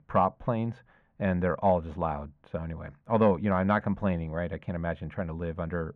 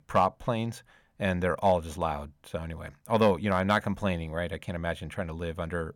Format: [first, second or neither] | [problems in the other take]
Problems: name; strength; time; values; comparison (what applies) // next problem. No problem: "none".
second | muffled; very; fading above 1.5 kHz